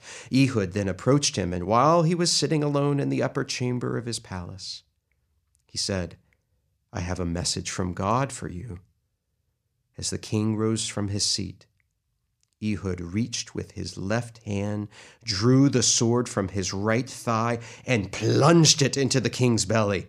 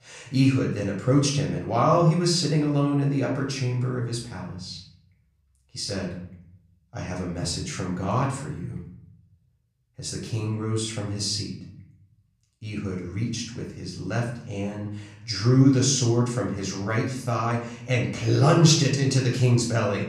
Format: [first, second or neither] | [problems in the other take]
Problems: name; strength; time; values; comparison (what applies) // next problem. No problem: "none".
first | off-mic speech; far // room echo; noticeable; dies away in 0.7 s